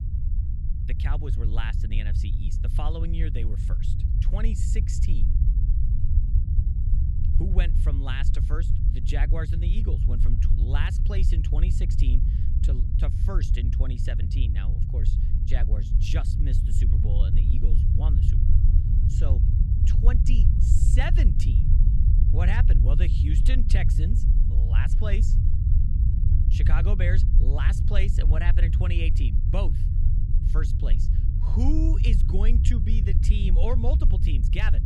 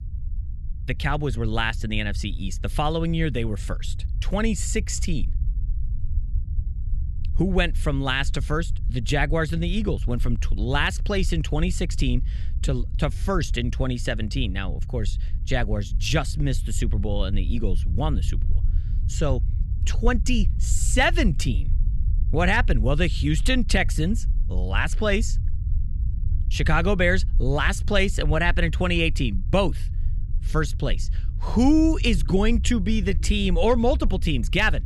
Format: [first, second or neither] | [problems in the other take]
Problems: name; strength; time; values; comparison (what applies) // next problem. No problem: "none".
second | low rumble; loud; throughout; 4 dB below the speech; faint in the second